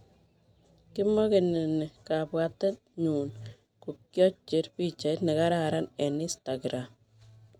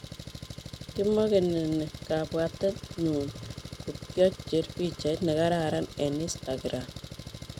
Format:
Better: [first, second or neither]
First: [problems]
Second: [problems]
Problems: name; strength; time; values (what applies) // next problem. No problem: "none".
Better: first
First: none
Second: background sound (Engine); 12 dB below the speech